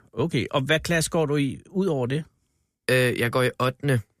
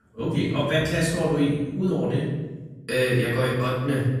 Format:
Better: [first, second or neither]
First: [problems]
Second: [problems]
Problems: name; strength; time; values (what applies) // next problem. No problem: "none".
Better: first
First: none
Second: off-mic speech; far // room echo; strong; dies away in 1.2 s